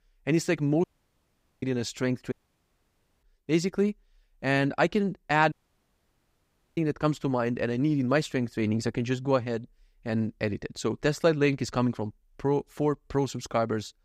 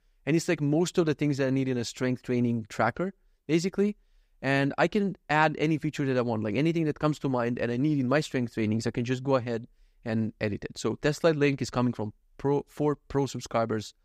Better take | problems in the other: second | audio cutting out; at 1 s for 1 s, at 2.5 s for 1 s and at 5.5 s for 1.5 s

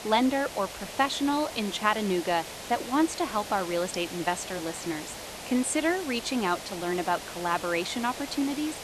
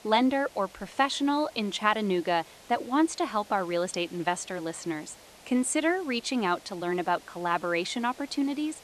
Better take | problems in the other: second | hiss; loud; throughout; 10 dB below the speech; faint in the second

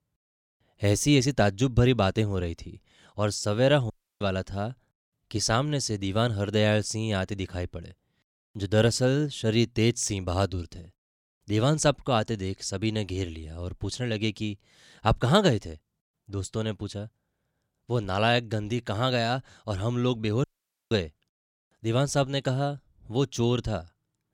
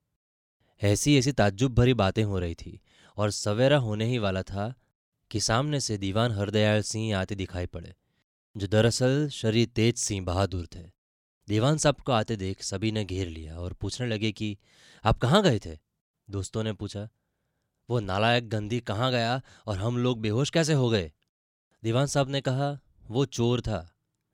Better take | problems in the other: second | audio cutting out; at 4 s and at 20 s

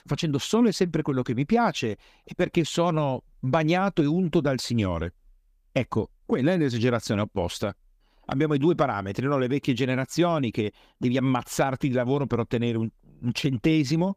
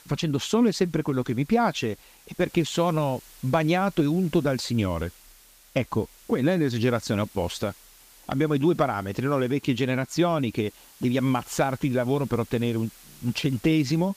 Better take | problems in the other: first | hiss; faint; throughout; 25 dB below the speech

